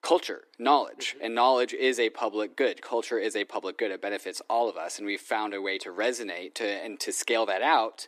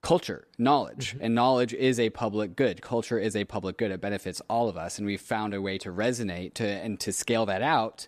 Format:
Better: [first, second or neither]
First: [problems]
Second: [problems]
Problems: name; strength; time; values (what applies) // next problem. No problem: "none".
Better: second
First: thin; somewhat; fading below 300 Hz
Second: none